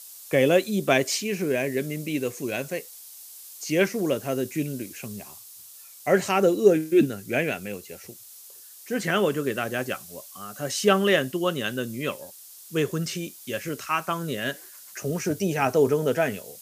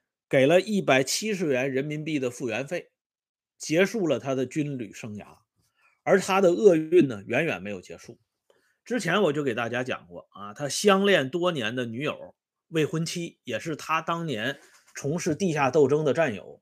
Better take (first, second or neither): second